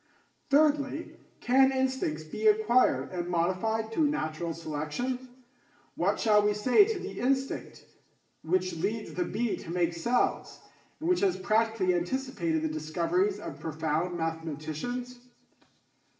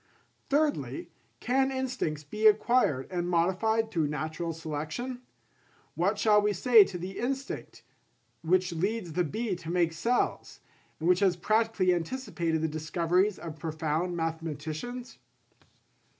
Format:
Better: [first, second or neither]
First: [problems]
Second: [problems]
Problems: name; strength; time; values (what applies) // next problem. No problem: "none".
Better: second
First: room echo; dies away in 0.7 s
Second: none